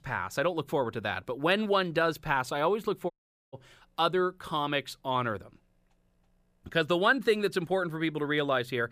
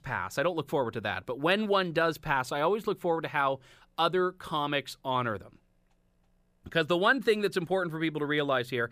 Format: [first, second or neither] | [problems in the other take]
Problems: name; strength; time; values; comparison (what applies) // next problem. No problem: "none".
second | audio cutting out; at 3 s